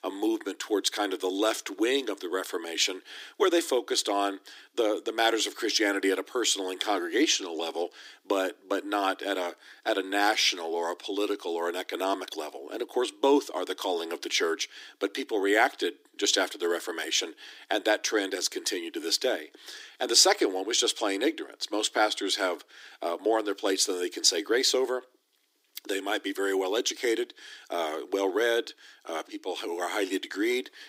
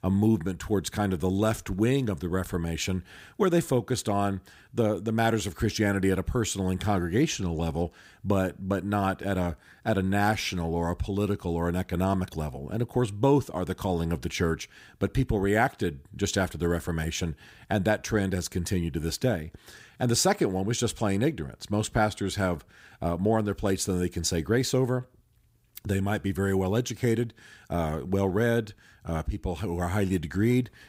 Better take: second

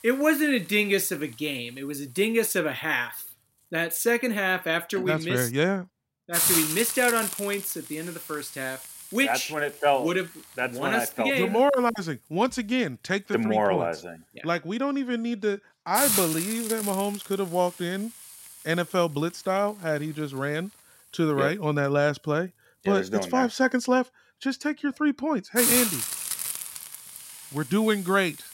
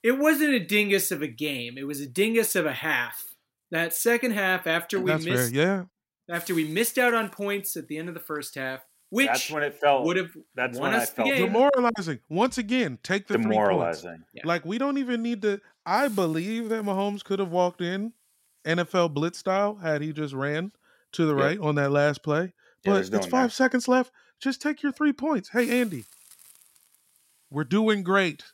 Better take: second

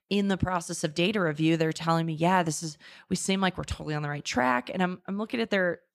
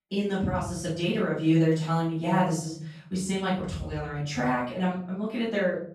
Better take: first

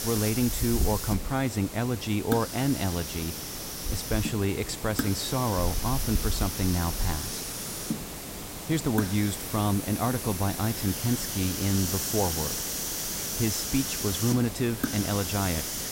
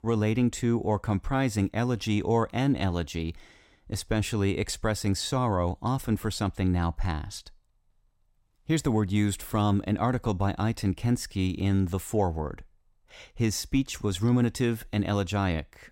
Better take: second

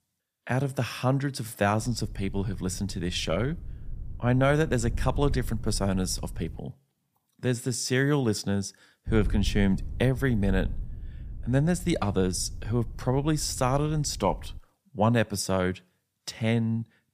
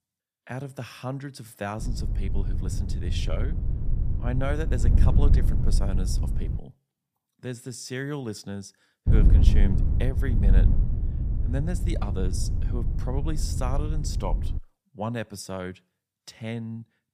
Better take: first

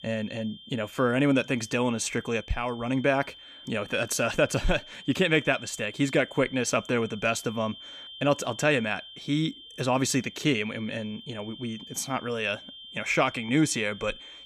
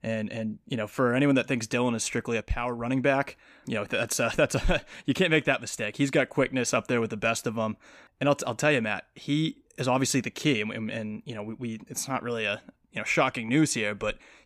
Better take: second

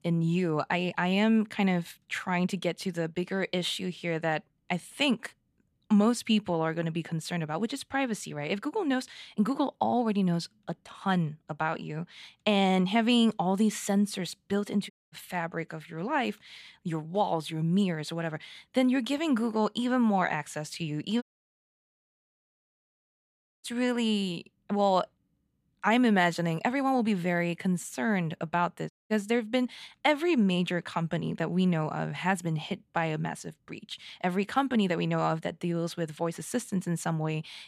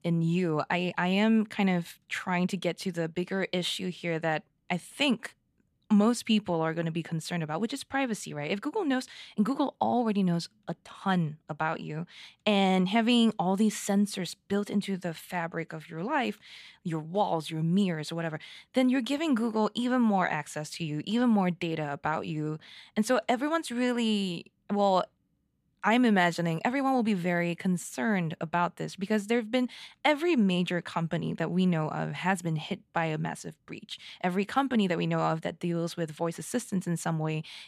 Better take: second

